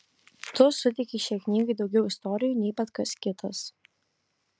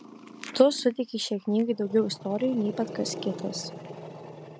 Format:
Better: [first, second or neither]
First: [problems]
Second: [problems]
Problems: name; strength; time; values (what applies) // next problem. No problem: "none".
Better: first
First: none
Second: background sound (Growling); 14 dB below the speech